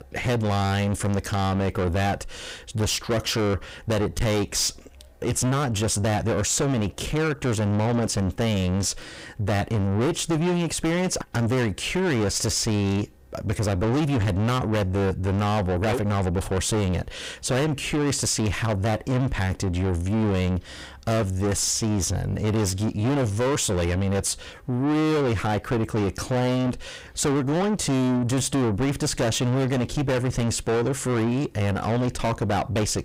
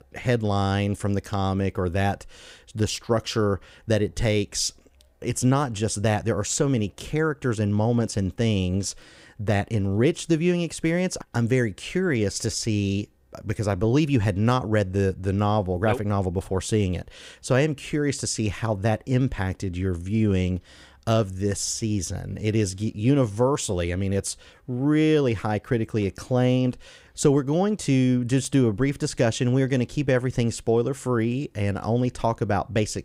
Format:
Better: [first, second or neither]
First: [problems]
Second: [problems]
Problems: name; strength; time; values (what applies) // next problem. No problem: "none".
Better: second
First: distortion; heavy; 6 dB below the speech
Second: none